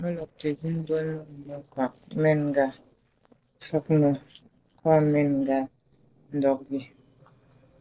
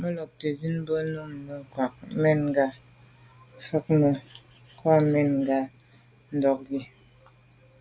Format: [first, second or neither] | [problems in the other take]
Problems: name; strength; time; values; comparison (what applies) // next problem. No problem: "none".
second | noise reduction (neural separator model SepFormer DNS4)